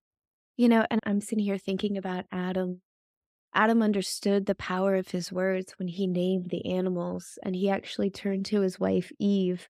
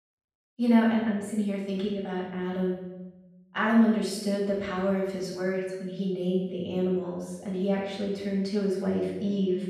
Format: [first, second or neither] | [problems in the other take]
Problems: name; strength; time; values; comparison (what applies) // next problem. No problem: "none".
first | off-mic speech; far // room echo; noticeable; dies away in 0.9 s